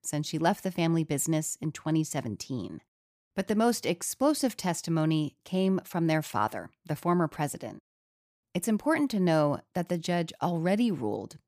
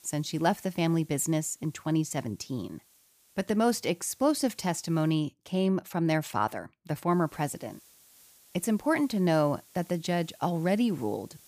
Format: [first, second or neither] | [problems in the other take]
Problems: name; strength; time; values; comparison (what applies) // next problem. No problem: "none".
first | hiss; faint; until 5 s and from 7 s on; 25 dB below the speech